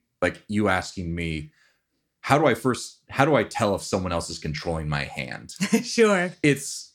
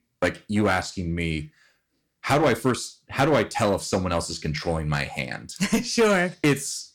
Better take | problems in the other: first | distortion; slight; 6% of the sound clipped

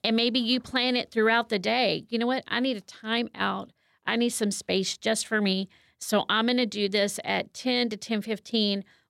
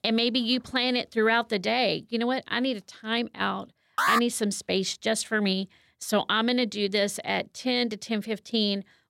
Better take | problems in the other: first | alarm; loud; at 4 s; peak 2 dB above the speech

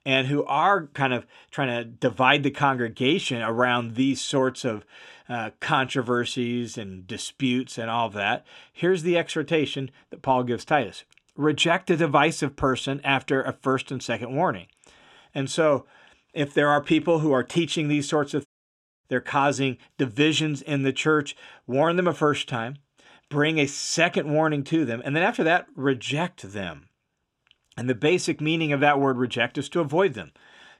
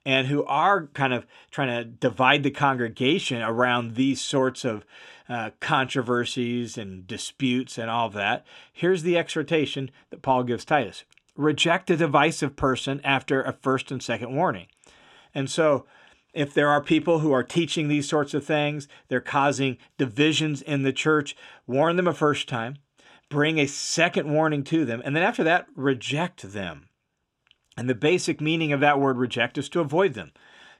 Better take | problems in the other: second | audio cutting out; at 18 s for 0.5 s

